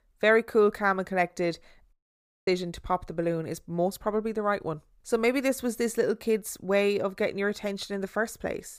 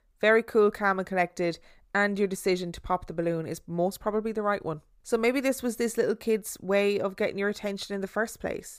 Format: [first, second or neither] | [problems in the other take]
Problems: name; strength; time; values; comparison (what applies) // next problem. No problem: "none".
second | audio cutting out; at 2 s for 0.5 s